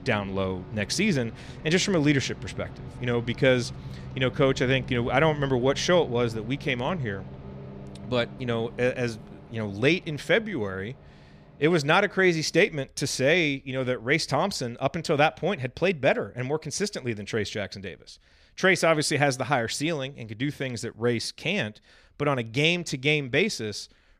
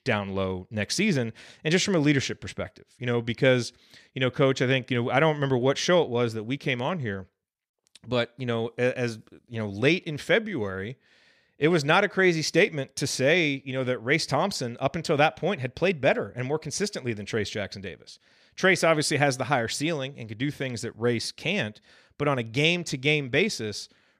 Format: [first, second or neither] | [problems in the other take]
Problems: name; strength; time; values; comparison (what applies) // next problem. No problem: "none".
second | traffic noise; noticeable; throughout; 15 dB below the speech